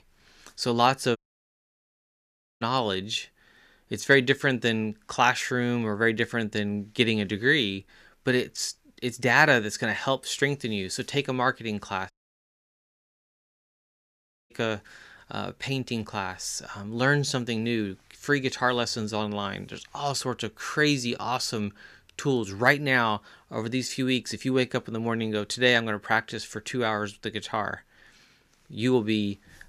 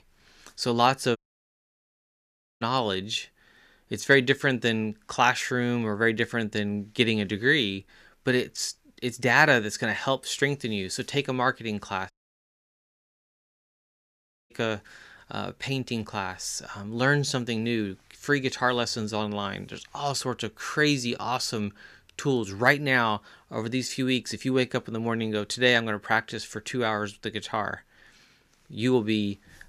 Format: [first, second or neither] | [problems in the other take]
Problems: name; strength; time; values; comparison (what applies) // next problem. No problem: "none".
neither | audio cutting out; at 1 s for 1.5 s and at 12 s for 2.5 s; the same in both